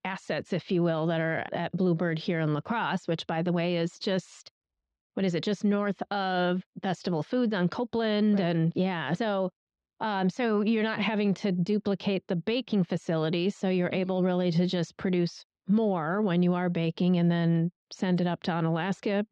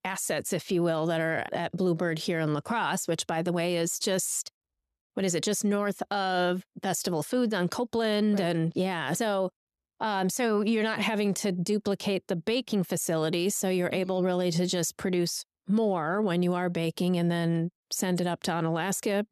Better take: second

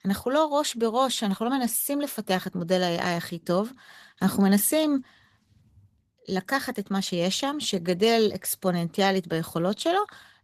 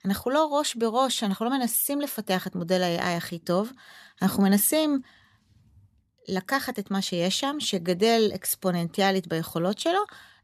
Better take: second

